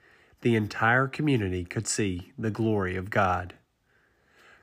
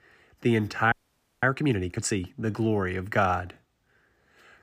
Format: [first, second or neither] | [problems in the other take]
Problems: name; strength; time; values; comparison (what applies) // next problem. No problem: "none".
first | audio freezing; at 1 s for 0.5 s